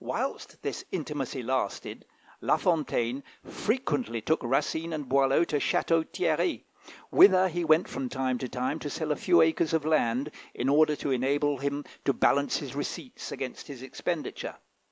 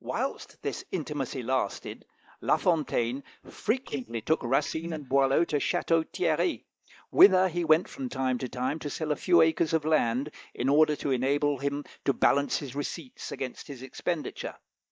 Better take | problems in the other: first | noise reduction (neural mask model DeepFilterNet 3)

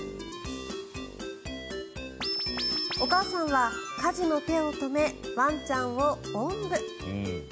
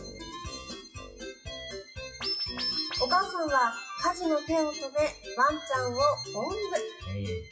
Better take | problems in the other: first | noise reduction (classical method WPE with log-MMSE)

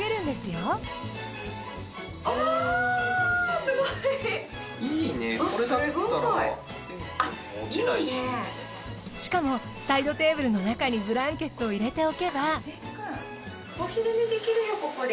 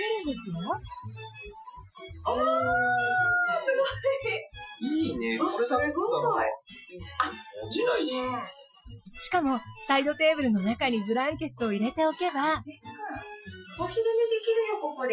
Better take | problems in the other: first | noise reduction (classical method Wiener filter)

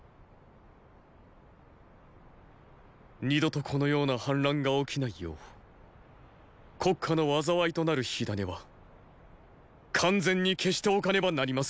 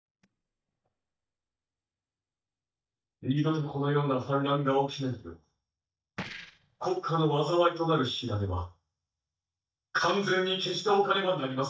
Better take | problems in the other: first | noise reduction (neural mask model DeepFilterNet 3)

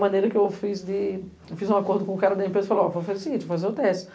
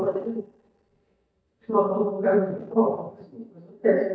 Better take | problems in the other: first | noise reduction (neural mask model DeepFilterNet 3)

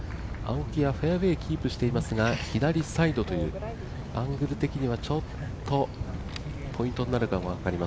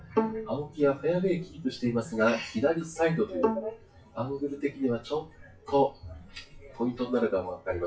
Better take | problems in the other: first | noise reduction (classical method WPE with log-MMSE)

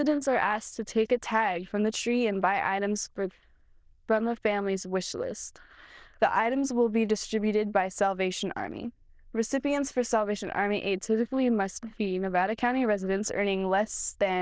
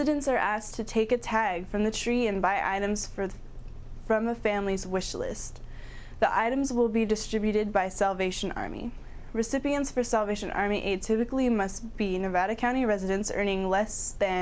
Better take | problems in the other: second | noise reduction (neural diffusion model UNIVERSE++)

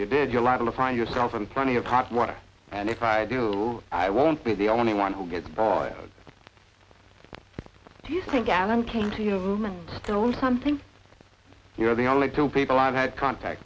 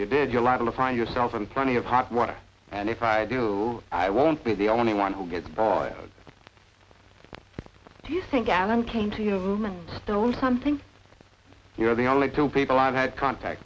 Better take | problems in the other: second | background sound (Fart); 20 dB below the speech

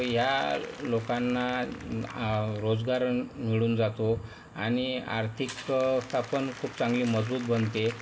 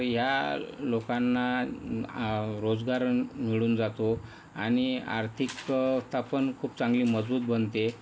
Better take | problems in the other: second | background sound (Applause); 19 dB below the speech // room echo; dies away in 0.9 s

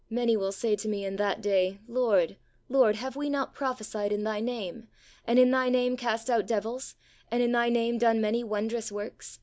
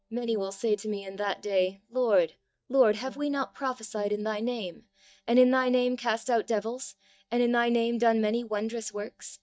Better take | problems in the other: first | noise reduction (neural mask model DeepFilterNet 3)

